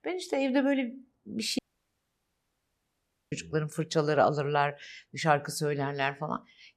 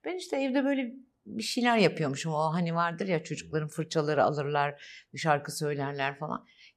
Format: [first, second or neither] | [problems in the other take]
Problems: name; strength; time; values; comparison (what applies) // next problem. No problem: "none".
second | audio cutting out; at 1.5 s for 1.5 s